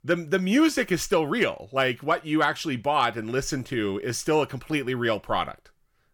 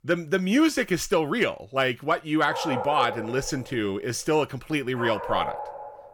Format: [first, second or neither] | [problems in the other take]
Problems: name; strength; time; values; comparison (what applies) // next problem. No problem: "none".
first | dog barking; noticeable; from 2.5 s on; peak 4 dB below the speech